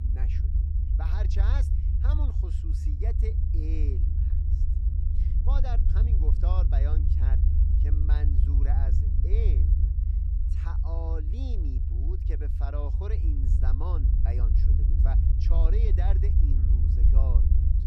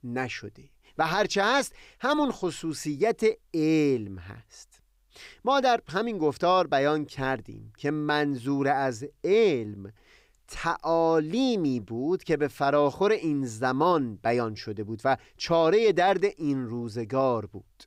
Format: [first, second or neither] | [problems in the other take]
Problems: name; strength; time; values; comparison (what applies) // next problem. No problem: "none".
second | low rumble; loud; throughout; 1 dB below the speech